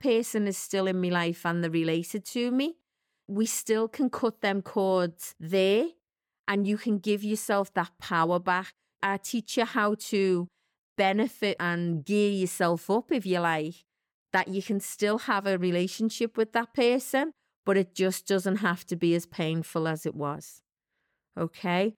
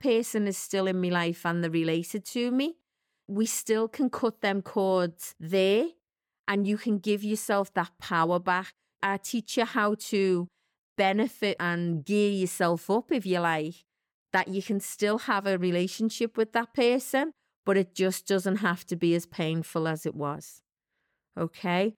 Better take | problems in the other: neither | none

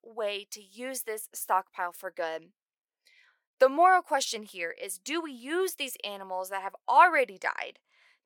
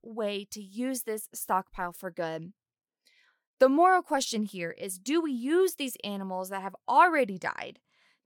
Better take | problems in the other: second | thin; somewhat; fading below 550 Hz

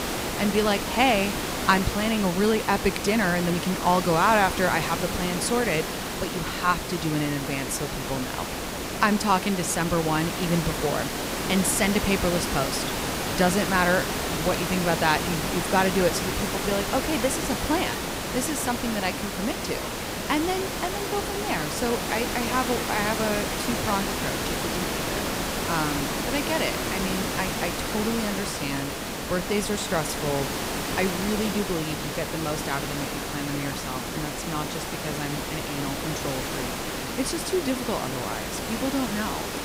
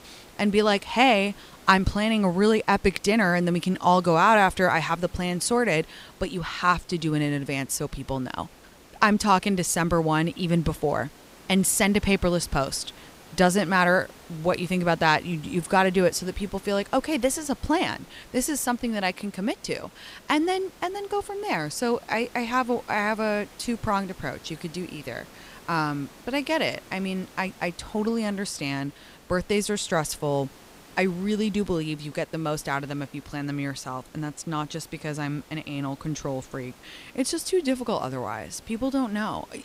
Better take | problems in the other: second | hiss; loud; throughout; 2 dB below the speech; faint in the second

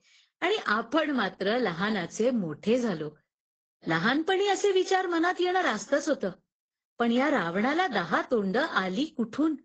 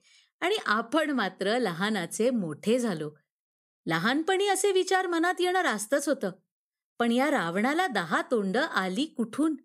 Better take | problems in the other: second | garbled, watery; badly; nothing above 7.5 kHz

